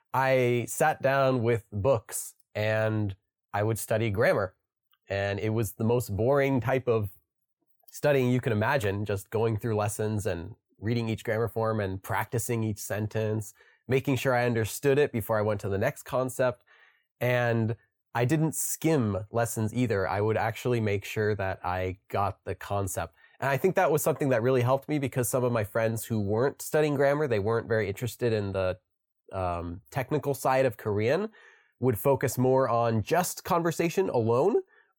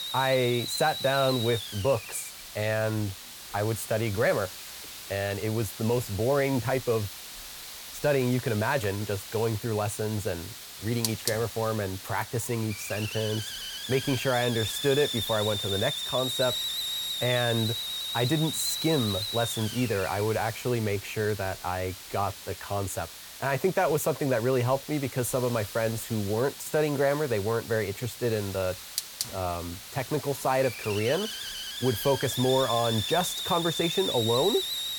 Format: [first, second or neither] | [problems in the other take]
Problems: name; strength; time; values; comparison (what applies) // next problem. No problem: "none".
first | hiss; loud; throughout; 5 dB below the speech